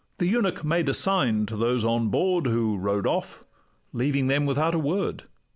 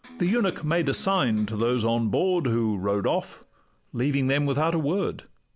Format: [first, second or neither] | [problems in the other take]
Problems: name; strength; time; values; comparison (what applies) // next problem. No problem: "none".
first | background sound (Electric guitar); 20 dB below the speech